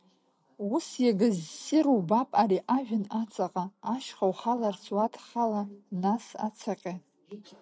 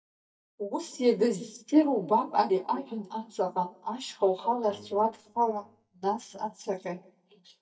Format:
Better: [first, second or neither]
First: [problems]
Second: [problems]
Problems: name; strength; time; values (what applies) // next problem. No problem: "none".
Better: first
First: none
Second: noise reduction (neural mask model DeepFilterNet 3)